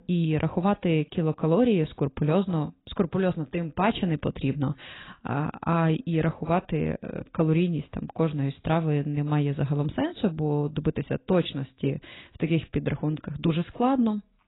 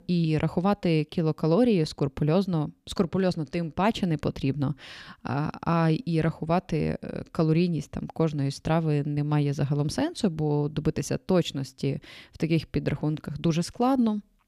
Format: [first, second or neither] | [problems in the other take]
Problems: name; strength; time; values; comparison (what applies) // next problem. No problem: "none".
second | garbled, watery; badly; nothing above 4 kHz